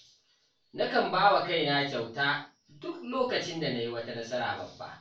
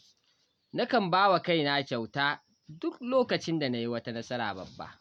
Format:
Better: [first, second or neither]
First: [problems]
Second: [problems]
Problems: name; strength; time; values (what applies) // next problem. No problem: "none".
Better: second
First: room echo; dies away in 0.3 s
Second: none